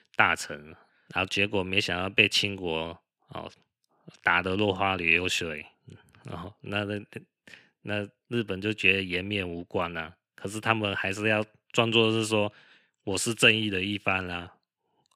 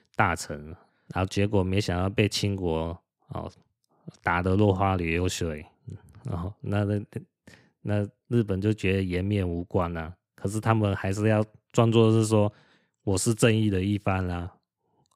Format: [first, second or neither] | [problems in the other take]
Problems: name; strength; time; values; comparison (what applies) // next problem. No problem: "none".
second | thin; very slightly; fading below 250 Hz